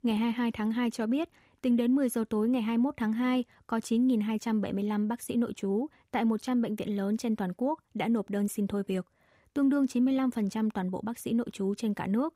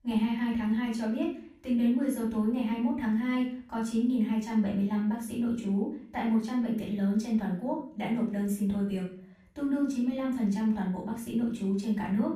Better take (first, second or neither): first